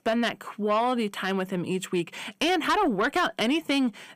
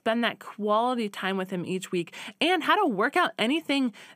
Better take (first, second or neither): second